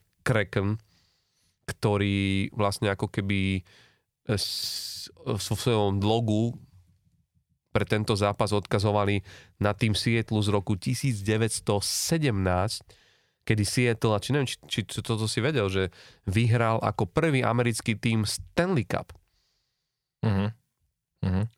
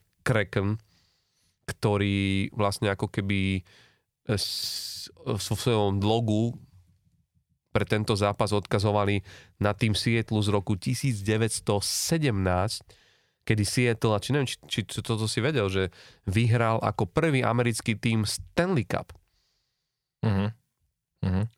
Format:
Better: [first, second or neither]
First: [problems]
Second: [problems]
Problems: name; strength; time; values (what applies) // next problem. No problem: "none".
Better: neither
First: none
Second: none